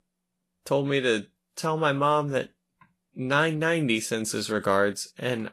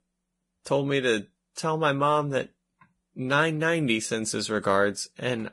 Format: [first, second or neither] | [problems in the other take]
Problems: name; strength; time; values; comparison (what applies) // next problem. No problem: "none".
first | garbled, watery; badly; nothing above 10.5 kHz; slightly in the first